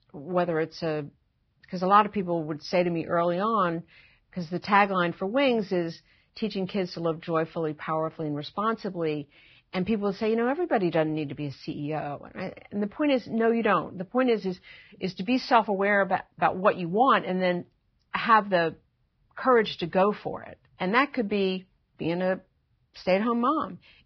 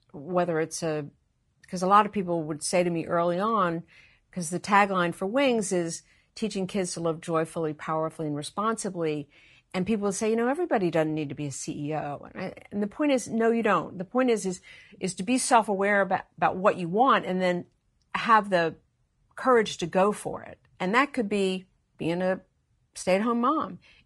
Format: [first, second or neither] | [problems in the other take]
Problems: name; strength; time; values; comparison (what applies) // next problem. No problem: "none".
second | garbled, watery; badly; nothing above 5.5 kHz; slightly in the second